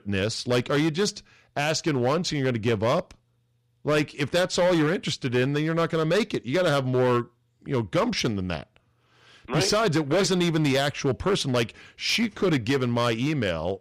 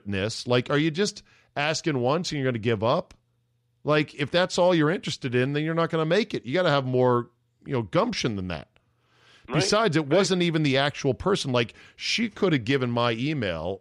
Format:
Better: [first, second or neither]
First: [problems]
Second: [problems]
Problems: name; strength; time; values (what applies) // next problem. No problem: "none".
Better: second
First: distortion; slight; 8% of the sound clipped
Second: none